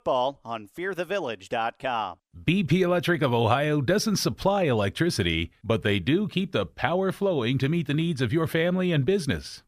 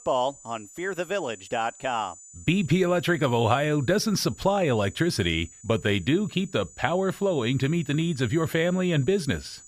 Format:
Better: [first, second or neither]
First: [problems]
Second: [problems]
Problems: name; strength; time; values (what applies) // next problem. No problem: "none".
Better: first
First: none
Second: high-pitched whine; faint; throughout; 7 kHz, 20 dB below the speech